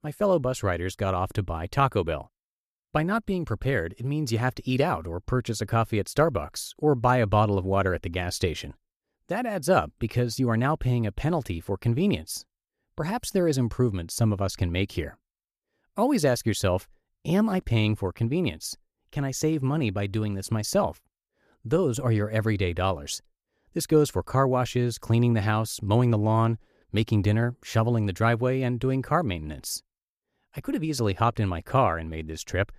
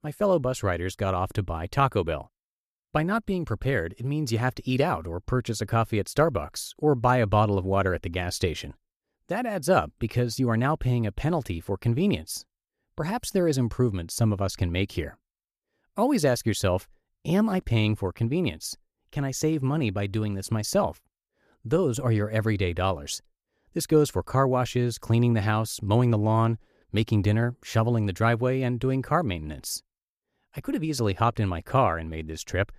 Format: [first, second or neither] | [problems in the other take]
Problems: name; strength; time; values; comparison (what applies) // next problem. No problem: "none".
neither | none